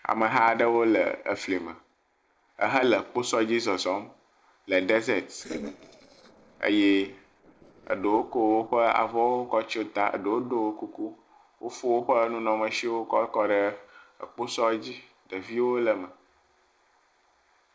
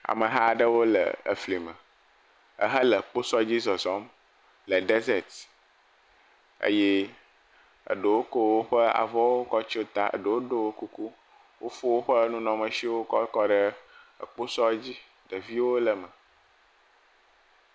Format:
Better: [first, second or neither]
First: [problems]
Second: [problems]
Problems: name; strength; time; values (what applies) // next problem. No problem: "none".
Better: second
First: noise reduction (neural separator model SepFormer DNS4)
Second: none